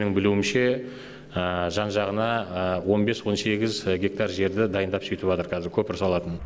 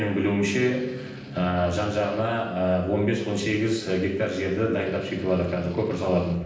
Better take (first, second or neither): first